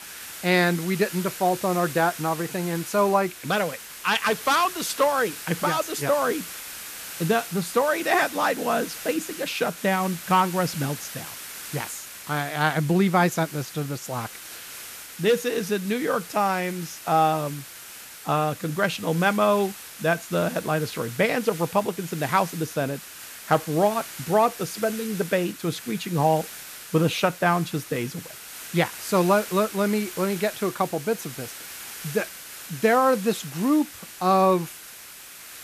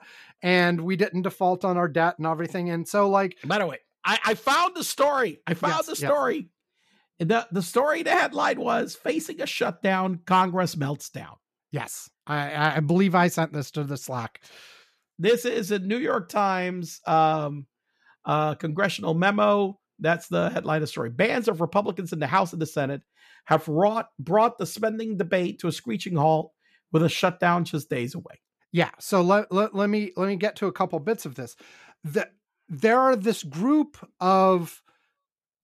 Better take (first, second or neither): second